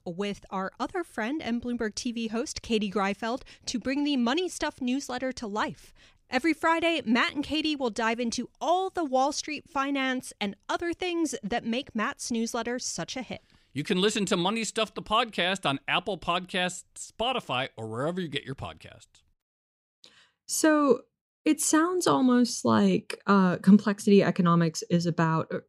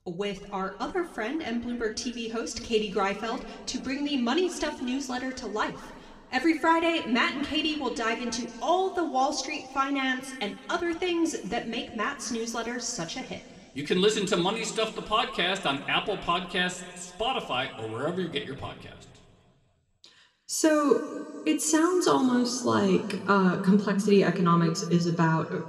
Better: first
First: none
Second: room echo; slight; dies away in 1.9 s // off-mic speech; somewhat distant

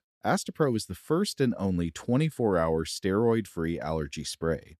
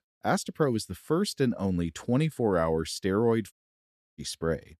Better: first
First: none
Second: audio cutting out; at 3.5 s for 0.5 s

